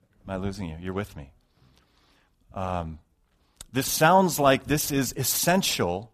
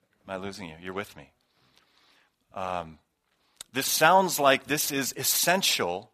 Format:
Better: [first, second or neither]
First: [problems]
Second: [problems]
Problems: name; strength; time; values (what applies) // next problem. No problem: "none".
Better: first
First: none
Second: thin; very slightly; fading below 450 Hz